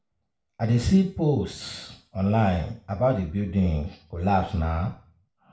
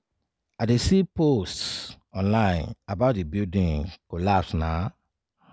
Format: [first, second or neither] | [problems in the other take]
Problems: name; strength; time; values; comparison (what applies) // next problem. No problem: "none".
second | room echo; dies away in 0.4 s